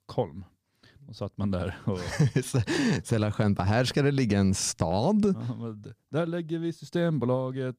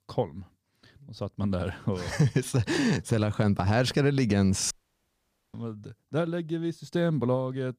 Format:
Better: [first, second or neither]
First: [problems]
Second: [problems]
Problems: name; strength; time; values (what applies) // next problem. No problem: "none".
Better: first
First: none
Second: audio cutting out; at 4.5 s for 1 s